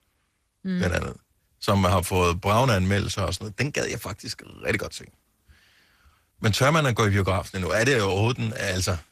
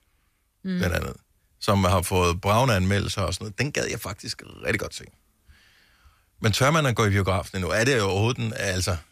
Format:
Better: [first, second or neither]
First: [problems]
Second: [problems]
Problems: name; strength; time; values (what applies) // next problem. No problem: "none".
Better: second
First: garbled, watery; slightly; nothing above 14.5 kHz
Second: none